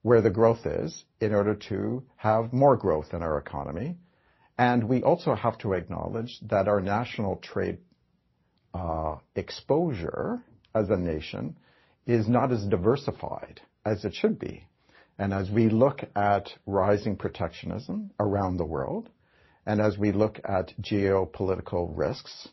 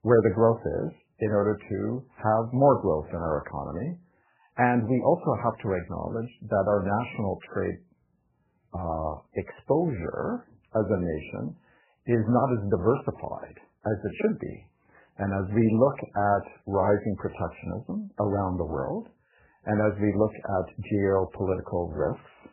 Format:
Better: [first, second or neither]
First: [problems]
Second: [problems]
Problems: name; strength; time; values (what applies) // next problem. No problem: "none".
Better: first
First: garbled, watery; slightly; nothing above 5.5 kHz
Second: garbled, watery; badly; nothing above 3 kHz